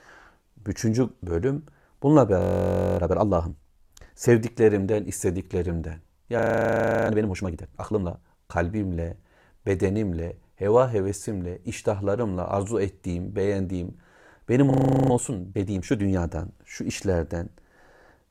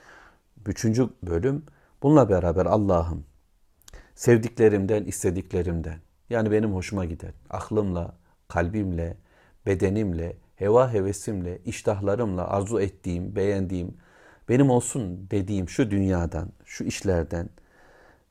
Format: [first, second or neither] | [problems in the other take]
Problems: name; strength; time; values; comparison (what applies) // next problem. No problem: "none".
second | audio freezing; at 2.5 s for 0.5 s, at 6.5 s for 0.5 s and at 15 s